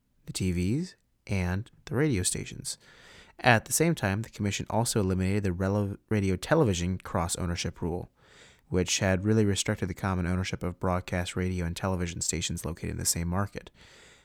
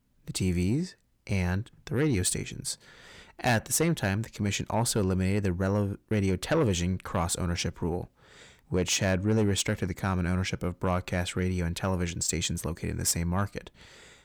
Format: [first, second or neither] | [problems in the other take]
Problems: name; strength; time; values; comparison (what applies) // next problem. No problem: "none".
first | distortion; slight; 10 dB below the speech